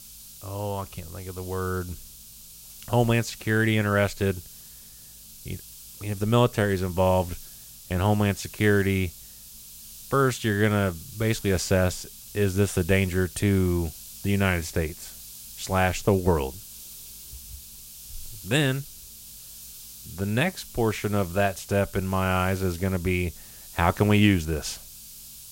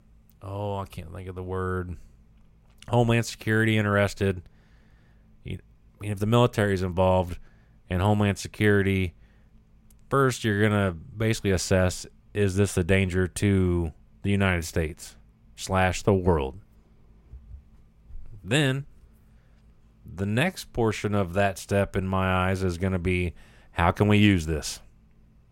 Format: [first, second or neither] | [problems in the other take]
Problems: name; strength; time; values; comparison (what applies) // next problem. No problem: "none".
second | hiss; noticeable; throughout; 15 dB below the speech